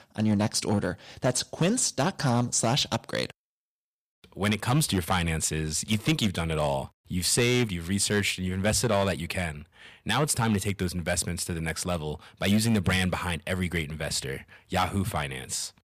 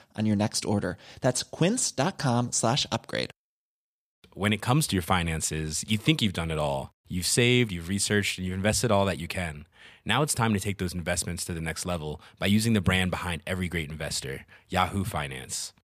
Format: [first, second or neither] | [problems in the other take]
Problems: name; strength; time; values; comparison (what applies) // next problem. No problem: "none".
second | distortion; slight; 3% of the sound clipped